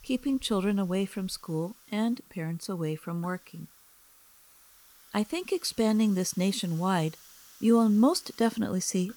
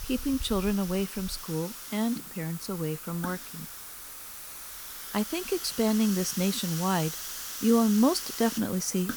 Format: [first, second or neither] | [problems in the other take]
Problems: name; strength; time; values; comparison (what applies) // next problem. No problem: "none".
first | hiss; loud; throughout; 8 dB below the speech; faint in the first